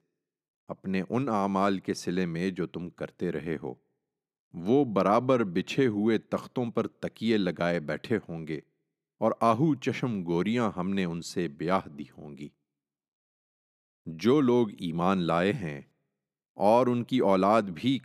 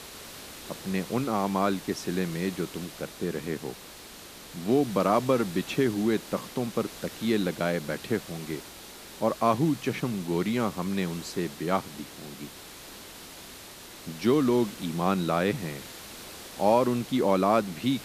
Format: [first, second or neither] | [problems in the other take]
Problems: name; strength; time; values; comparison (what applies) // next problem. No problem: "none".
first | hiss; noticeable; throughout; 15 dB below the speech